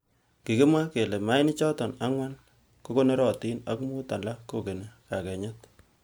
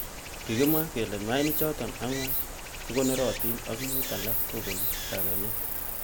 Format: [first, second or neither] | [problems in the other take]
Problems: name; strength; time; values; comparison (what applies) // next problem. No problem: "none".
first | background sound (Stream); as loud as the speech